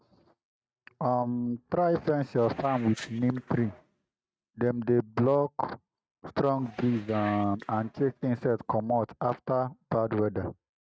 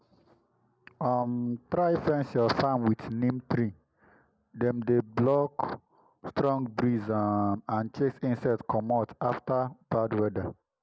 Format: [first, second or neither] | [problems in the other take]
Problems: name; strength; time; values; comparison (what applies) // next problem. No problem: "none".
second | noise reduction (neural mask model RNNoise)